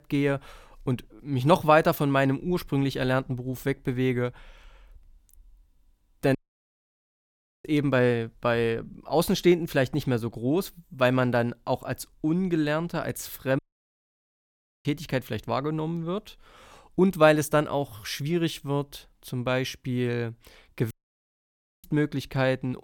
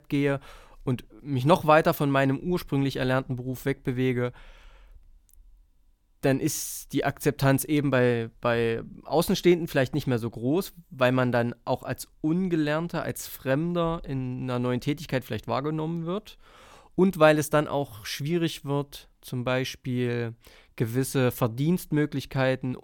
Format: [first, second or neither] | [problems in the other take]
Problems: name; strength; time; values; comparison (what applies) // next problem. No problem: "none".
second | audio cutting out; at 6.5 s for 1.5 s, at 14 s for 1.5 s and at 21 s for 1 s